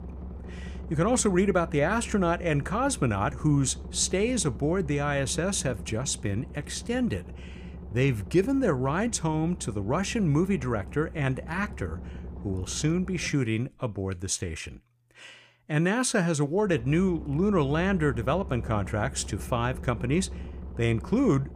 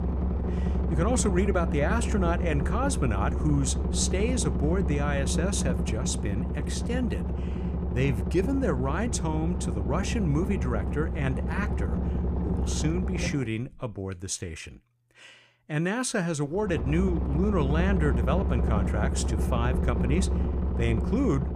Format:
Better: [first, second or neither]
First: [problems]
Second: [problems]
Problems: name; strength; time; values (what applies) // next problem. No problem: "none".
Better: first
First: low rumble; faint; throughout; 20 dB below the speech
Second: low rumble; loud; throughout; 6 dB below the speech